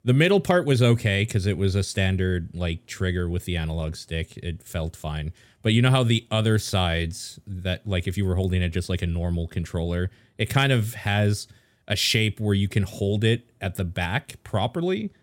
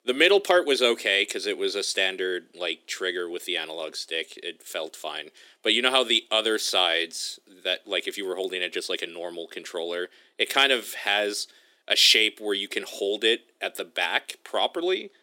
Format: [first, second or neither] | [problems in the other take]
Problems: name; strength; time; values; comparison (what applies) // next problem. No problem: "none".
first | thin; very; fading below 300 Hz